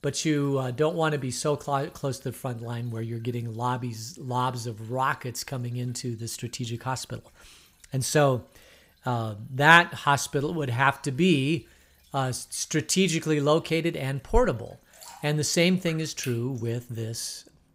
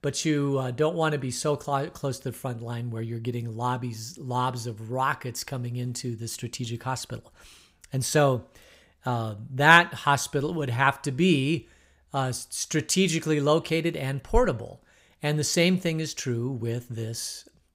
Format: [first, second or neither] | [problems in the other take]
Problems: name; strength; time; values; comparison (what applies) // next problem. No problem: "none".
second | rain or running water; faint; throughout; 30 dB below the speech